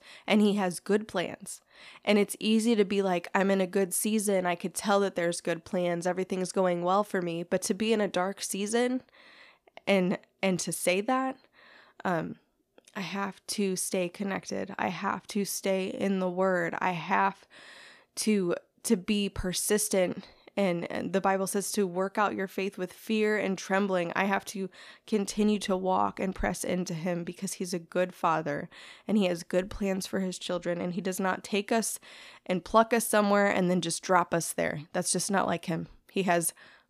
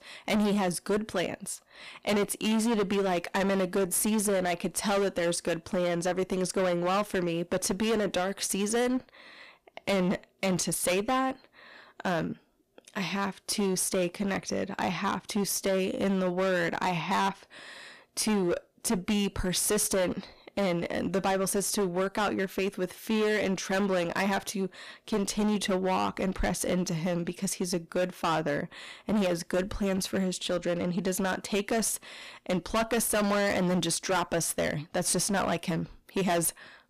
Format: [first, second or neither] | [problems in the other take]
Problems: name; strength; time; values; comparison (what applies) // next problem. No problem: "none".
first | distortion; heavy; 15% of the sound clipped